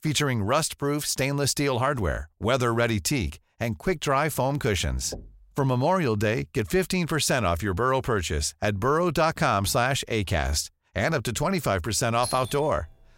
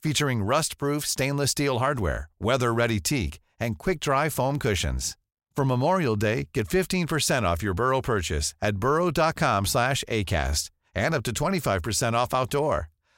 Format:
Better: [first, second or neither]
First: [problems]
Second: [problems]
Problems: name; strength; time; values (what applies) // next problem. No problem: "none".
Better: second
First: door banging; faint; at 5 s; peak 15 dB below the speech // doorbell; noticeable; at 12 s; peak 9 dB below the speech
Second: none